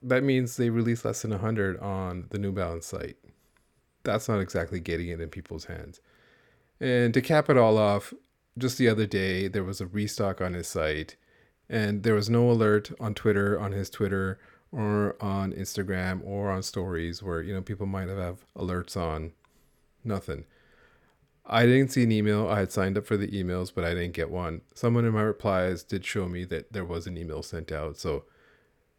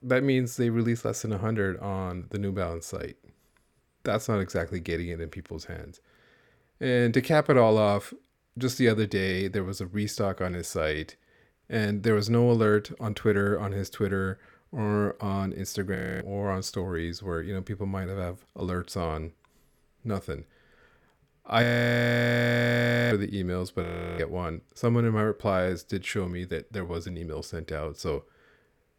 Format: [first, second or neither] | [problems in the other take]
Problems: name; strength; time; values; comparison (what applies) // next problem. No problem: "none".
first | audio freezing; at 16 s, at 22 s for 1.5 s and at 24 s